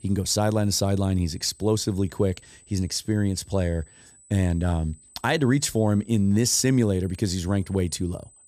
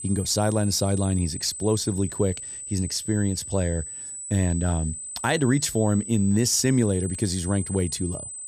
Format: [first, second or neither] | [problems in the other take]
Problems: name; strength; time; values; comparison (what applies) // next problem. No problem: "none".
first | high-pitched whine; loud; throughout; 8 kHz, 9 dB below the speech; faint in the first